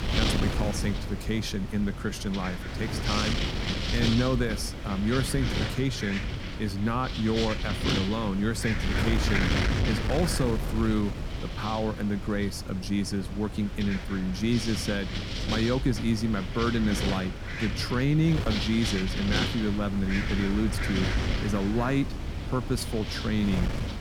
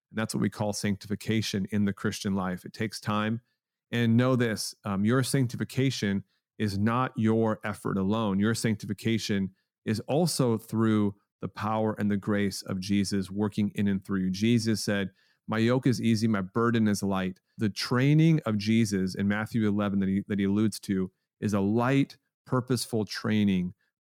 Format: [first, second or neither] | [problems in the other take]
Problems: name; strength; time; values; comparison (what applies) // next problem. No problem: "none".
second | wind noise on the microphone; heavy; 1 dB below the speech